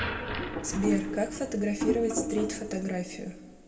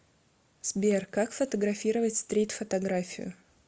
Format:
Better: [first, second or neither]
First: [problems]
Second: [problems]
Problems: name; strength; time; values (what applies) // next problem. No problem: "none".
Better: second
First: background sound (Wood); 2 dB below the speech // room echo; dies away in 1.3 s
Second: none